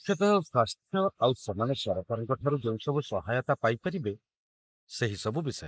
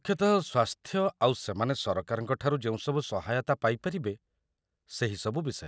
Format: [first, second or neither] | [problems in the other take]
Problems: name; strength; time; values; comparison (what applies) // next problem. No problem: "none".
second | noise reduction (neural mask model Resemble Enhance denoiser)